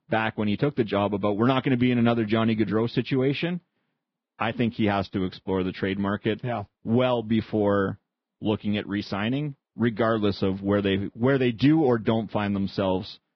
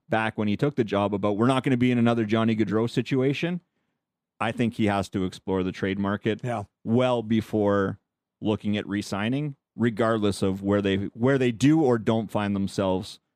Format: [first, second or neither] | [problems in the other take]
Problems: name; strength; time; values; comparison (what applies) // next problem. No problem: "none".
second | garbled, watery; badly; nothing above 5.5 kHz